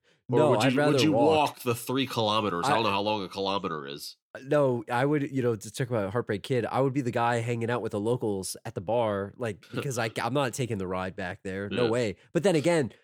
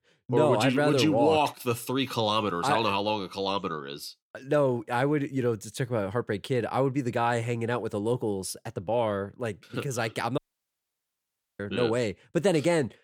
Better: first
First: none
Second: audio cutting out; at 10 s for 1 s

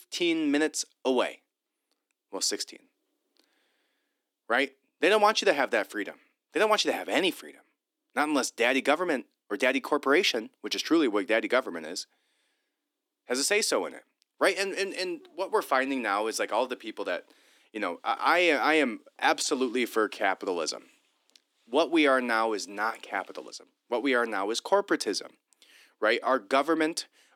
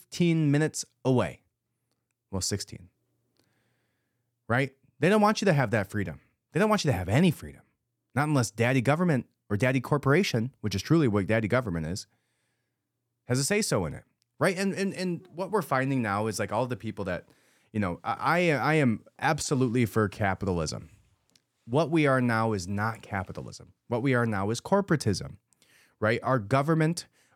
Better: second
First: thin; somewhat; fading below 300 Hz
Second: none

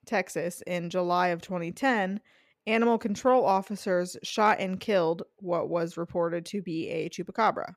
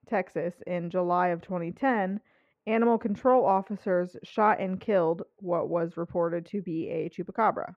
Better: first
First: none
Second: muffled; very; fading above 3.5 kHz

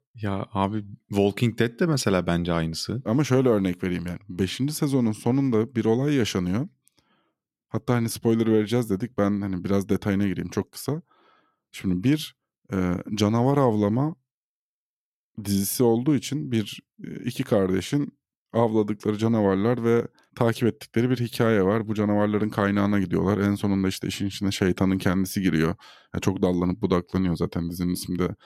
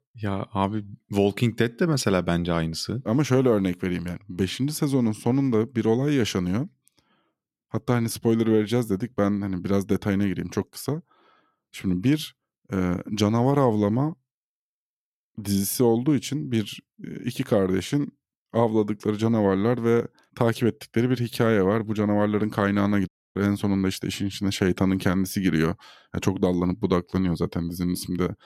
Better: first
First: none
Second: audio cutting out; at 23 s

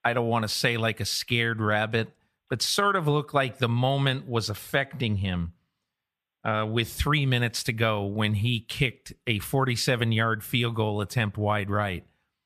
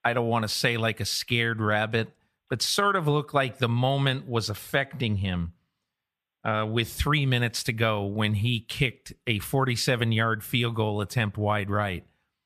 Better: neither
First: none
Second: none

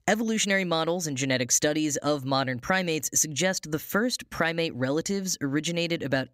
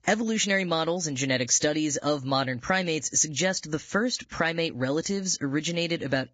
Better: first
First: none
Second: garbled, watery; badly; nothing above 7.5 kHz

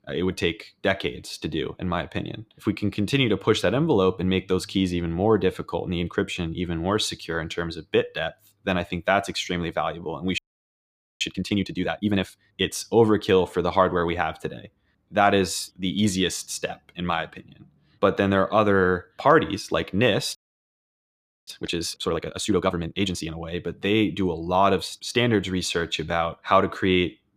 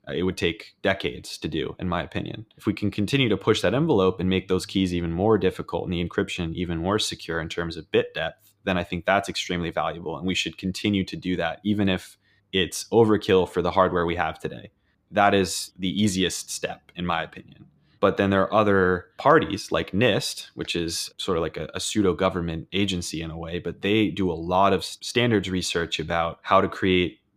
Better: second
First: audio freezing; at 10 s for 1 s and at 20 s for 1 s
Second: none

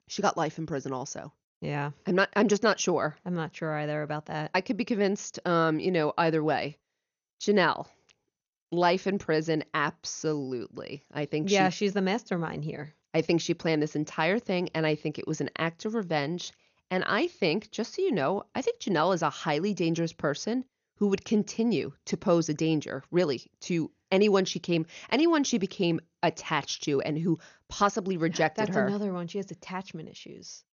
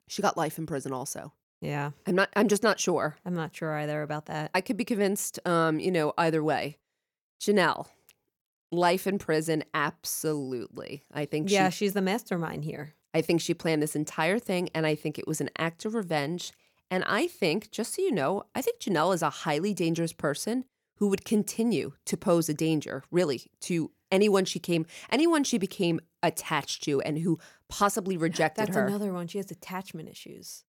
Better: second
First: garbled, watery; slightly; nothing above 6.5 kHz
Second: none

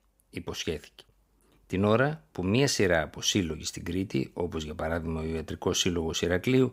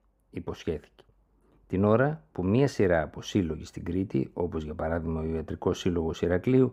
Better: first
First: none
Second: muffled; slightly; fading above 2 kHz

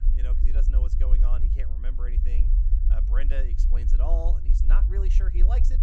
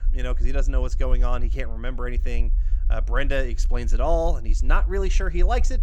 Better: second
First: low rumble; loud; throughout; 5 dB below the speech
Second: low rumble; faint; throughout; 20 dB below the speech

